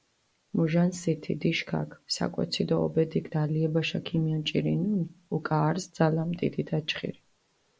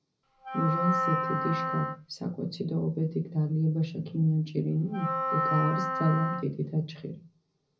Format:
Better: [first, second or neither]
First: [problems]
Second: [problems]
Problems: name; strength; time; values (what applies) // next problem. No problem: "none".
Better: first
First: none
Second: background sound (Wind instrument, woodwind instrument); 1 dB below the speech // room echo; dies away in 0.4 s